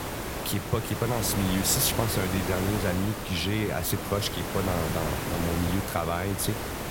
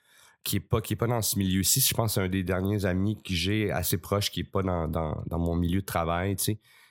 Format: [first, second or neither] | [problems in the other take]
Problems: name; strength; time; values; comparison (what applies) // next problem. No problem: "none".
second | hiss; loud; throughout; 4 dB below the speech